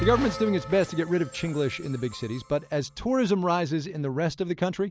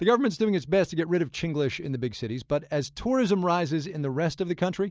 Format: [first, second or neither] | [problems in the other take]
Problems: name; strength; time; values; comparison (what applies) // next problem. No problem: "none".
second | background sound (Bell); 13 dB below the speech